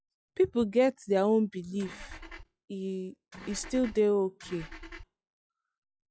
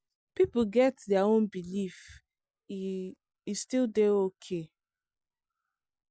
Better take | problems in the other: second | noise reduction (classical method log-MMSE)

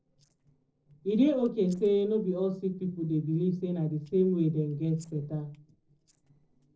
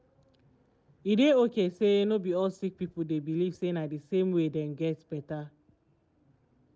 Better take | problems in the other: second | noise reduction (neural separator model SepFormer DNS4)

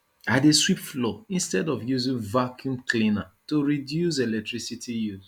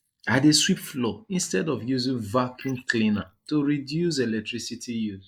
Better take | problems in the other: first | noise reduction (neural mask model Resemble Enhance denoiser)

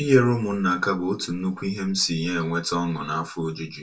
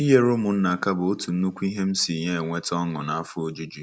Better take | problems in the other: second | room echo; dies away in 0.2 s

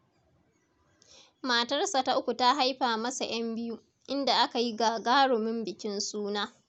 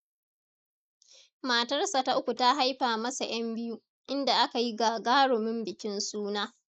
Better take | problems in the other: first | noise reduction (neural mask model Resemble Enhance denoiser)

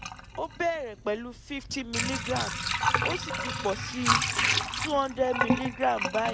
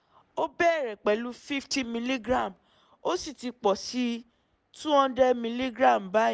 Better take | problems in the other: second | background sound (Sink (filling or washing) / Water); 1 dB above the speech

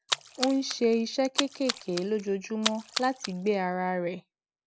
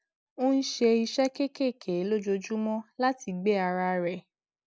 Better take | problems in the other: second | background sound (Splash, splatter); 6 dB below the speech

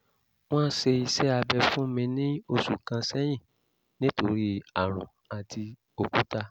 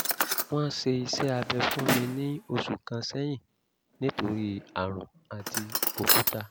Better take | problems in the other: first | background sound (Drawer open or close); 1 dB below the speech

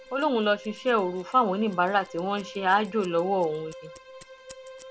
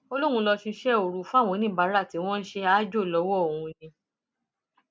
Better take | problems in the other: second | background sound (Scissors + Bowed string instrument); 19 dB below the speech

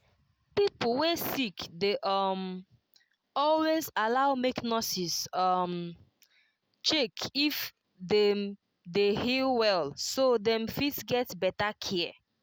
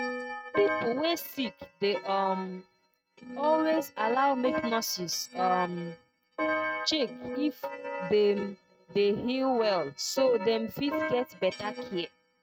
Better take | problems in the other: first | noise reduction (neural mask model RNNoise)

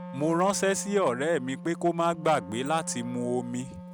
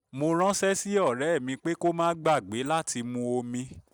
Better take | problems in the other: second | background sound (Wind instrument, woodwind instrument); 12 dB below the speech

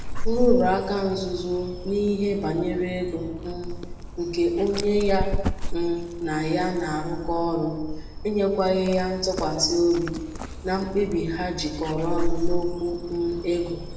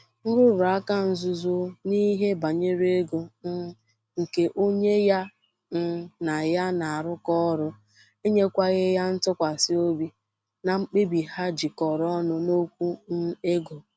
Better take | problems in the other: second | background sound (Dog); 4 dB below the speech // room echo; dies away in 1 s

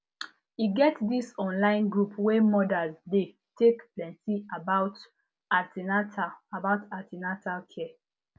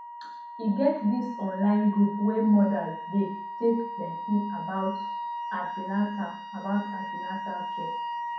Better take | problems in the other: first | background sound (Wind instrument, woodwind instrument); 8 dB below the speech // room echo; dies away in 0.6 s

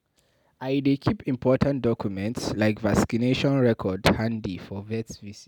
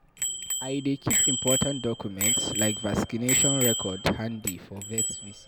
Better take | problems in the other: first | background sound (Bicycle bell); 1 dB above the speech

